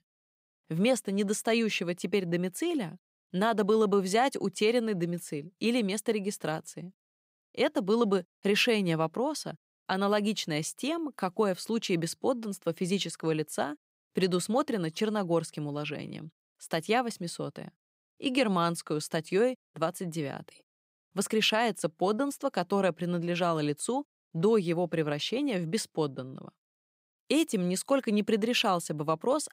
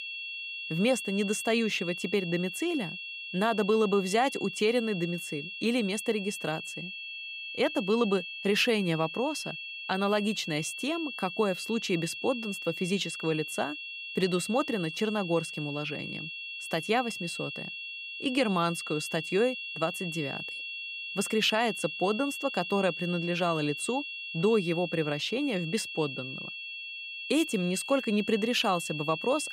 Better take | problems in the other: first | high-pitched whine; loud; throughout; 2.5 kHz, 7 dB below the speech

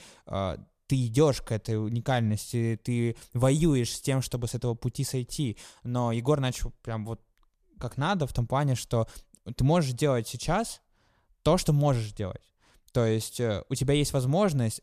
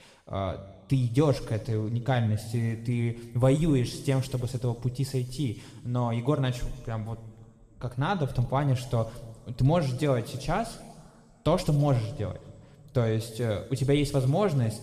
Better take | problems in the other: first | room echo; slight; dies away in 1.4 s

